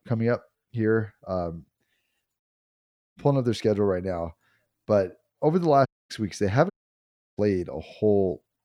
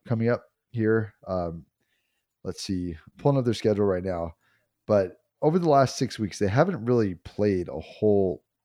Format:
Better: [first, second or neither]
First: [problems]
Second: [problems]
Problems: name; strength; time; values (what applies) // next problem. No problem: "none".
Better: second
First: audio cutting out; at 2.5 s for 1 s, at 6 s and at 6.5 s for 0.5 s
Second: none